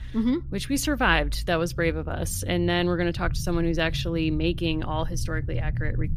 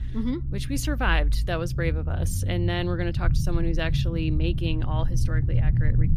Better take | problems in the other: first | low rumble; loud; throughout; 10 dB below the speech; faint in the first

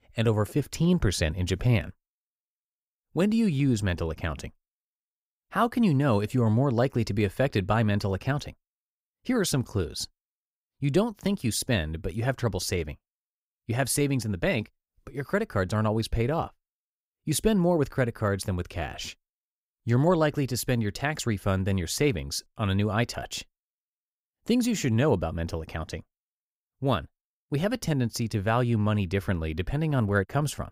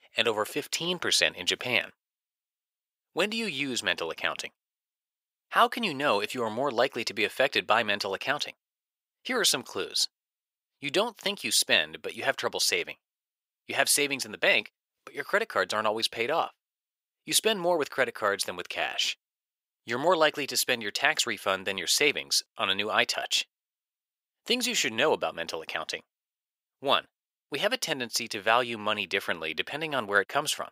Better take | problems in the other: first | thin; very; fading below 550 Hz

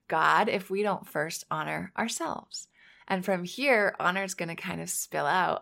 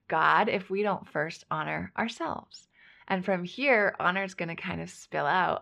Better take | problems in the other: first | muffled; slightly; fading above 3 kHz

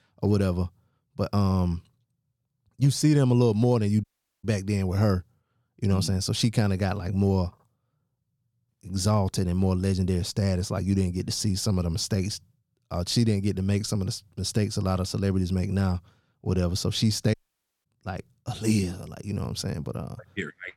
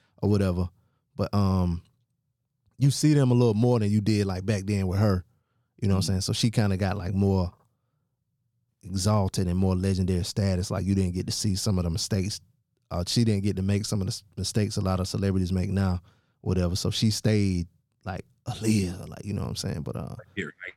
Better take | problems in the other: second | audio cutting out; at 4 s and at 17 s for 0.5 s

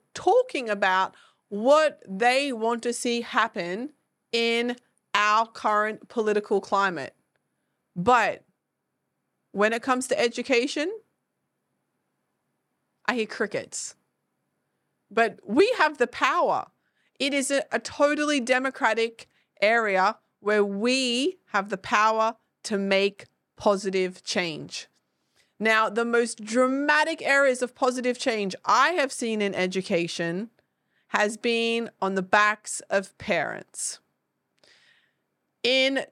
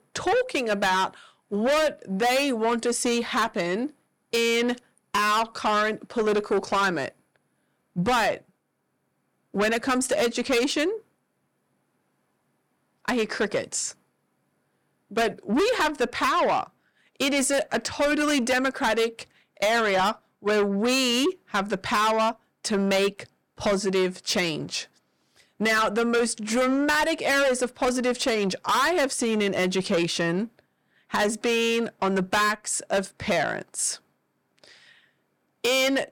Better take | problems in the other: first | distortion; heavy; 6 dB below the speech

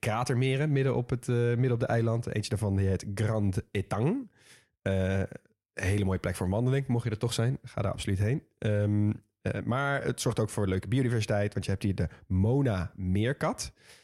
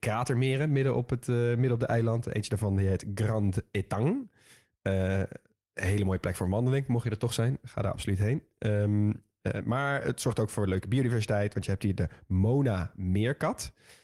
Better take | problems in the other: first | garbled, watery; slightly; nothing above 16 kHz

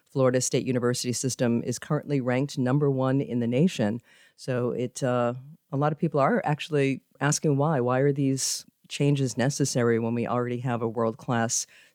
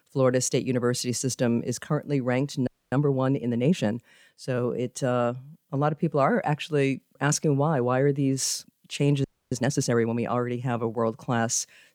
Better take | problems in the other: first | audio freezing; at 2.5 s and at 9 s

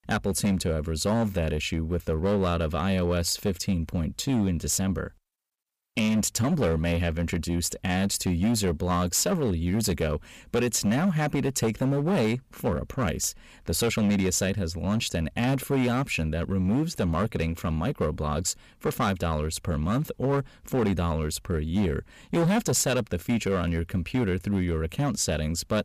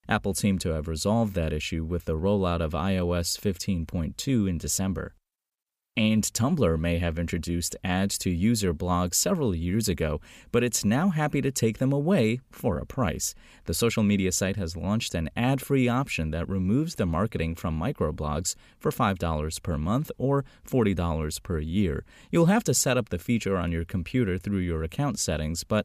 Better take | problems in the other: second | distortion; slight; 9% of the sound clipped

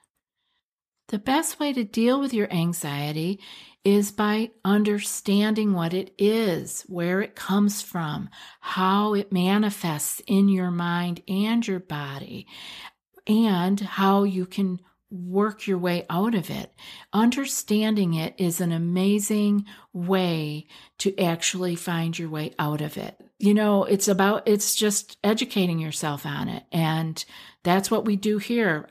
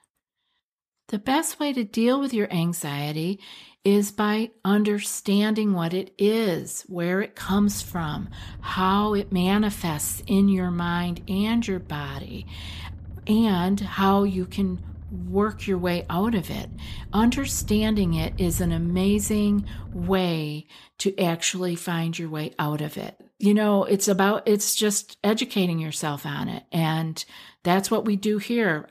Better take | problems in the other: first | low rumble; faint; from 7.5 to 20 s; 25 dB below the speech

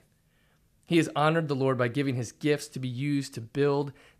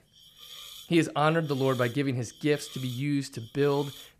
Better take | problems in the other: first | hiss; noticeable; throughout; 15 dB below the speech

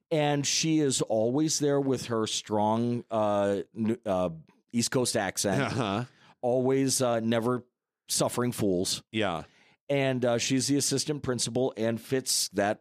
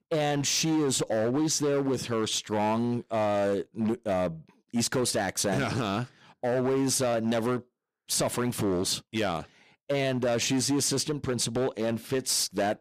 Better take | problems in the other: first | distortion; slight; 14% of the sound clipped

